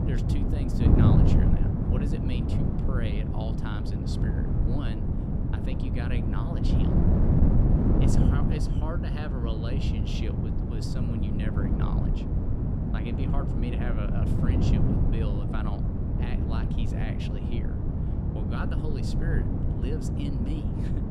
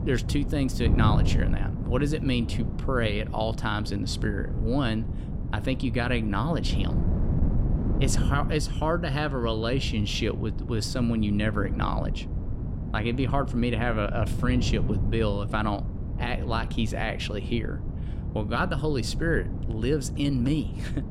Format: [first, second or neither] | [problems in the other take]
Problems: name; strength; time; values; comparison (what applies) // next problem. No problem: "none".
second | wind noise on the microphone; heavy; 4 dB above the speech; occasional gusts in the second